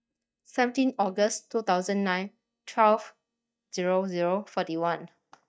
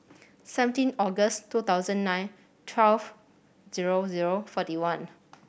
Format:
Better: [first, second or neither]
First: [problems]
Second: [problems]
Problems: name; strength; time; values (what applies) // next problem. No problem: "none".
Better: second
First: noise reduction (neural mask model DeepFilterNet 3)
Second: none